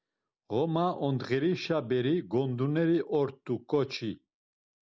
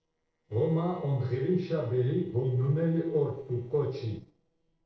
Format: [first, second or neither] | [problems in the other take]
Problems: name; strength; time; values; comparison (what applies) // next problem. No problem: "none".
first | noise reduction (neural separator model SepFormer DNS4)